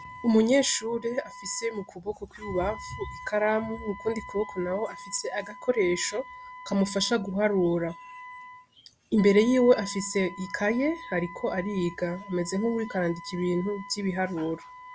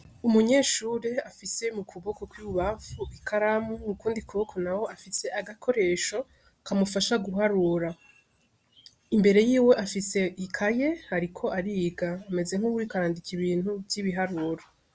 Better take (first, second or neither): second